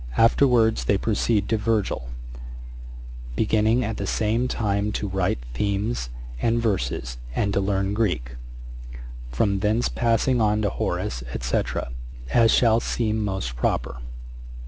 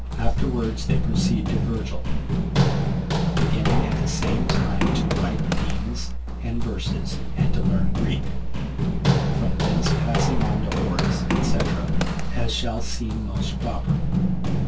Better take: first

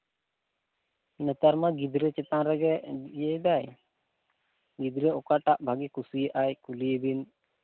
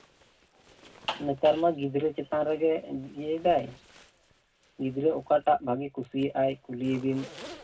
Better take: first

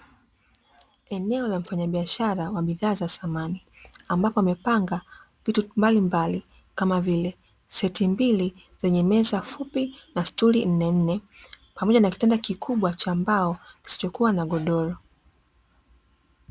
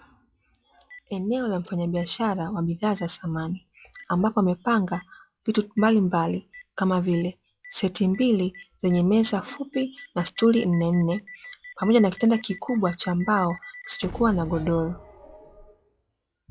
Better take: first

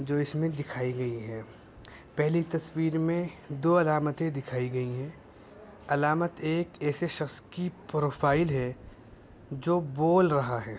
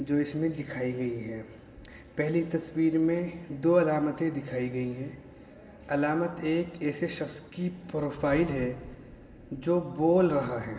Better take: first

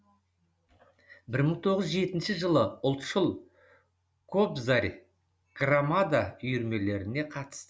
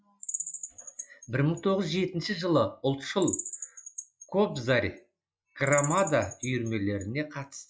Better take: first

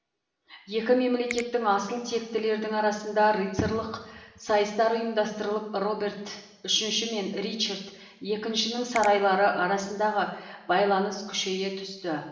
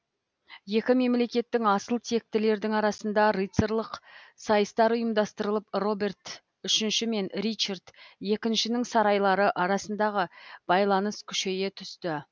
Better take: second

